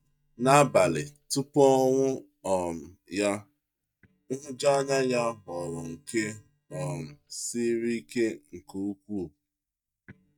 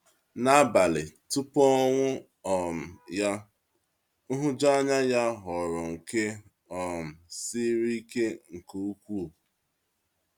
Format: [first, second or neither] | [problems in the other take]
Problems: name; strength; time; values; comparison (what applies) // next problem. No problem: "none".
second | noise reduction (neural mask model DeepFilterNet 3)